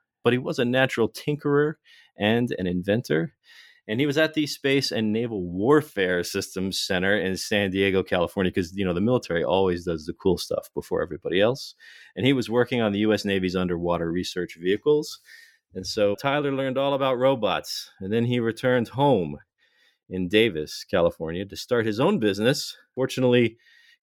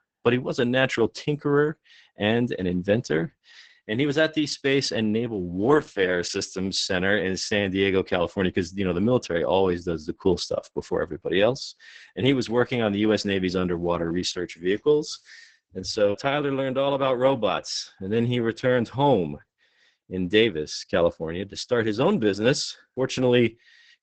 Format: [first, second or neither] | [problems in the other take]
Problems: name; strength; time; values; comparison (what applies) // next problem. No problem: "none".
first | garbled, watery; badly; nothing above 8 kHz